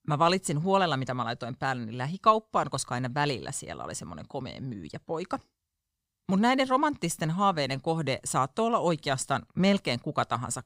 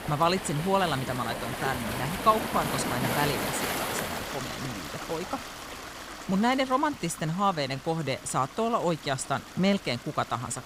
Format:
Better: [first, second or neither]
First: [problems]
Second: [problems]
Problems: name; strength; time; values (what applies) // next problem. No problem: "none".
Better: first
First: none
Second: rain or running water; loud; throughout; 6 dB below the speech